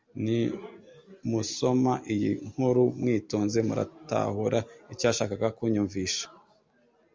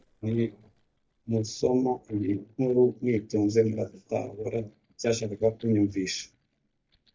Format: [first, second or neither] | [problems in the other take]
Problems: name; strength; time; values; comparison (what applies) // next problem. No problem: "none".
first | noise reduction (neural mask model DeepFilterNet 3)